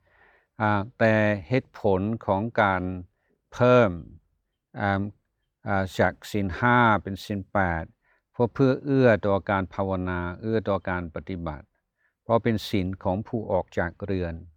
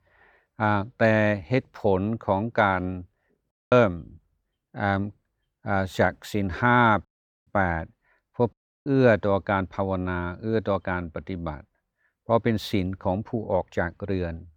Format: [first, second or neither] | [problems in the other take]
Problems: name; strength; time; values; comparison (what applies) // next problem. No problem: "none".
first | audio cutting out; at 3.5 s, at 7 s and at 8.5 s